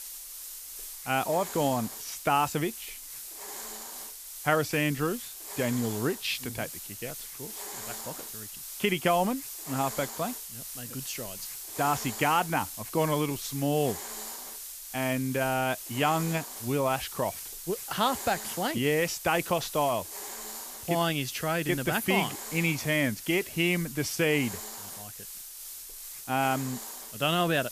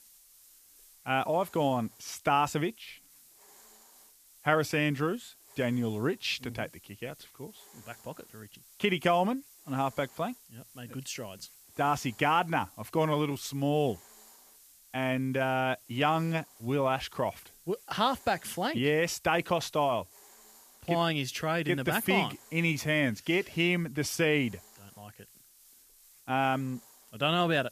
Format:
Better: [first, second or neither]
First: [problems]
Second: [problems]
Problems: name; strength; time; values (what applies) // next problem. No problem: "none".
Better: second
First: hiss; loud; throughout; 9 dB below the speech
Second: hiss; faint; throughout; 25 dB below the speech